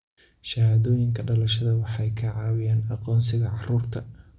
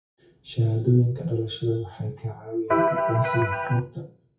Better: first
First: none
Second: noise reduction (classical method WPE with log-MMSE)

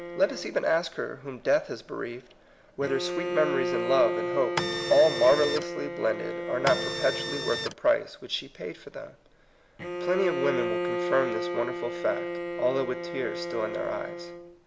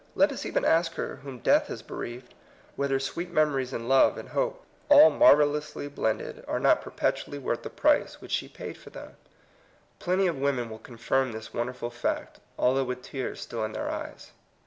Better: second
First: background sound (Printer + Bowed string instrument); 4 dB below the speech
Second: none

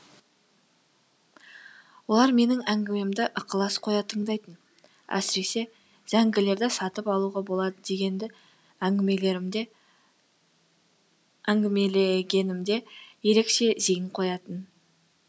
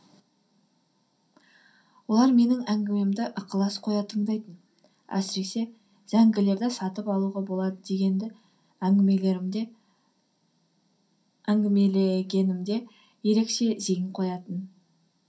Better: first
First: none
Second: room echo; dies away in 0.3 s

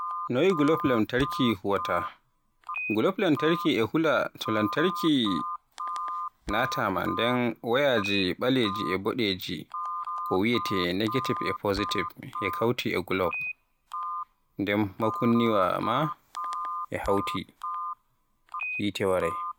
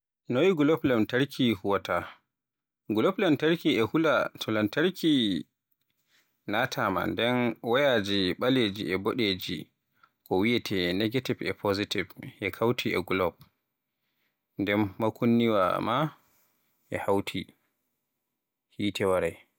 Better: second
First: background sound (Telephone); 7 dB below the speech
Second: none

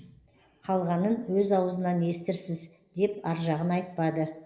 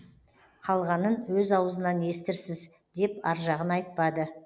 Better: second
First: room echo; dies away in 1.5 s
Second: none

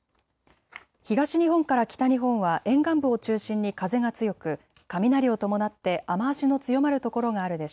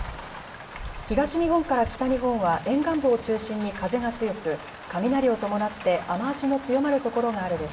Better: first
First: none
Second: background sound (Rain); 13 dB below the speech // room echo; dies away in 0.7 s

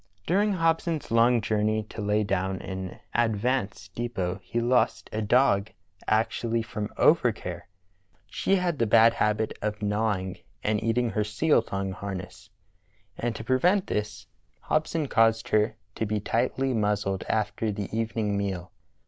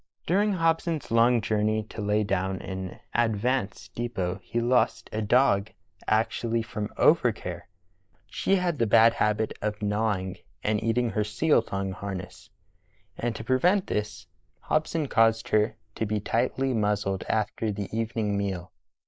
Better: first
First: none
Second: noise reduction (neural mask model Resemble Enhance denoiser)

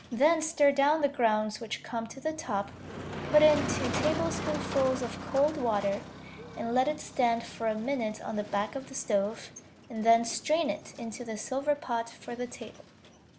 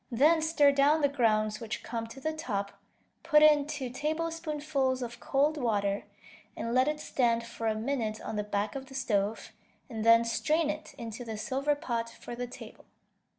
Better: second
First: background sound (Motor vehicle (road)); 10 dB below the speech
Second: none

